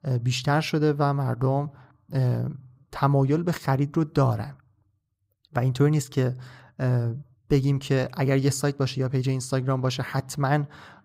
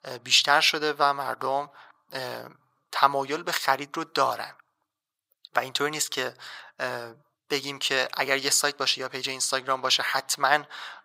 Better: first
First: none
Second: thin; very; fading below 900 Hz

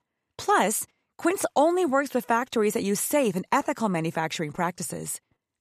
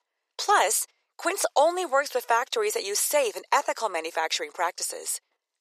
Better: first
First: none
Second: thin; very; fading below 450 Hz

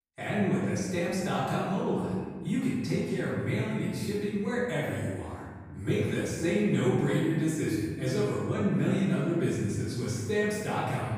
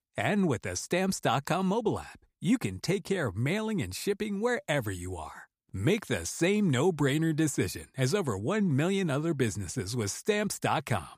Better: second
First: room echo; strong; dies away in 1.9 s // off-mic speech; far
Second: none

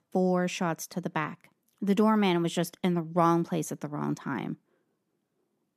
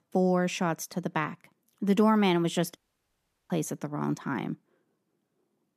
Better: first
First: none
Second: audio cutting out; at 3 s for 0.5 s

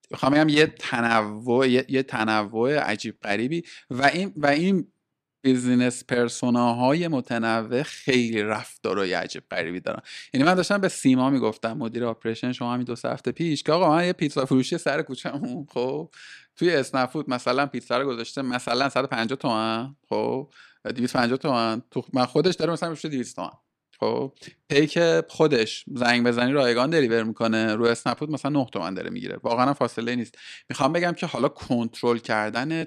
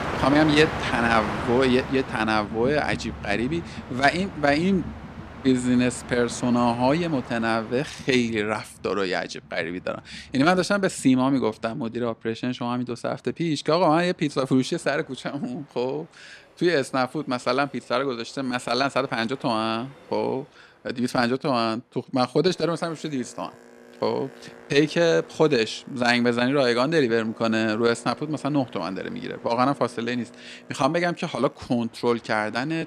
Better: first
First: none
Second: train or aircraft noise; noticeable; throughout; 15 dB below the speech

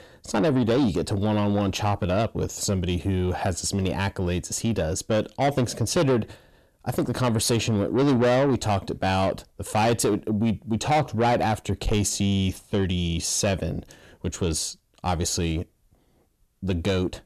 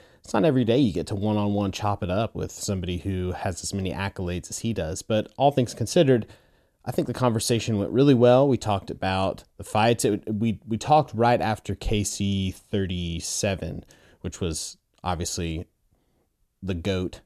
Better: second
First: distortion; heavy; 8 dB below the speech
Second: none

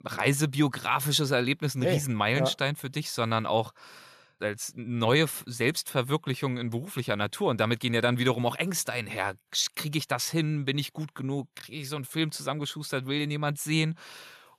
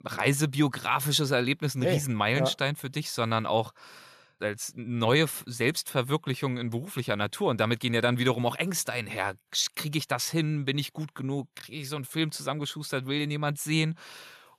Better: neither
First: none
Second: none

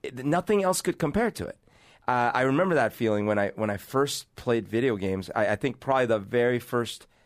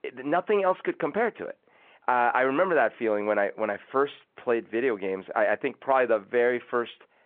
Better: first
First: none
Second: phone-call audio

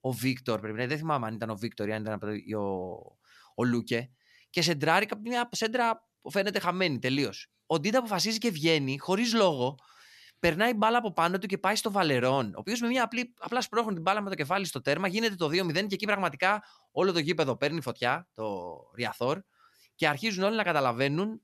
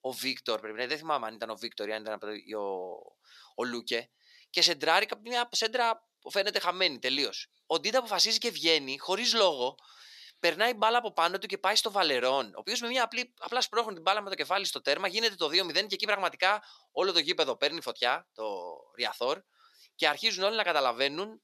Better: first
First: none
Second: thin; somewhat; fading below 450 Hz

